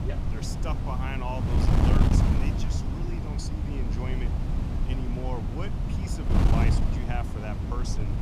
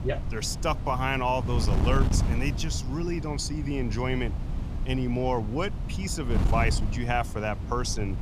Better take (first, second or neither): second